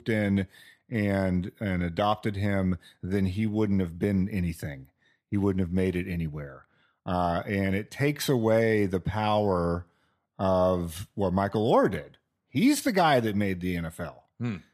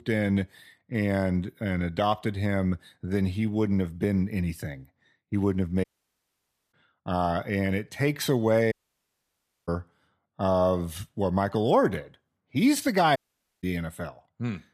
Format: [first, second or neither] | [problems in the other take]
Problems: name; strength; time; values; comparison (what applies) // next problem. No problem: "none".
first | audio cutting out; at 6 s for 1 s, at 8.5 s for 1 s and at 13 s